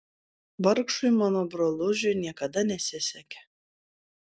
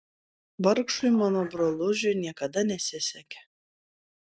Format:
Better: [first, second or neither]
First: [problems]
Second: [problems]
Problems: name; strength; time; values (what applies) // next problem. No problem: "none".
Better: first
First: none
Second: noise reduction (neural mask model RNNoise)